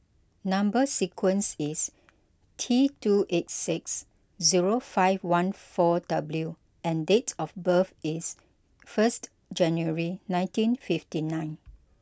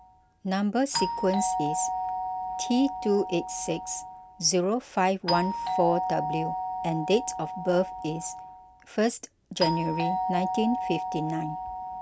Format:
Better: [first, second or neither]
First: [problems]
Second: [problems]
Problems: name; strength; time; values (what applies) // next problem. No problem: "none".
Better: first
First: none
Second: background sound (Doorbell); 4 dB below the speech